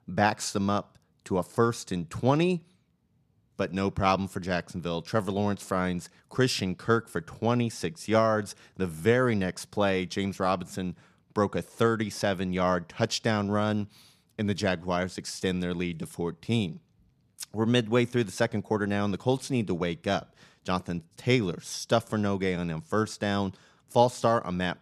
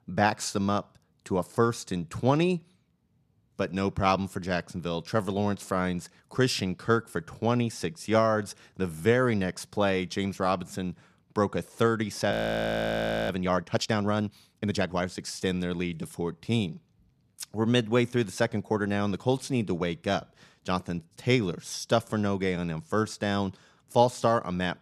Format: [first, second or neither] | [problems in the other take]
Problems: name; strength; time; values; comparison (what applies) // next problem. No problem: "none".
first | audio freezing; at 12 s for 1 s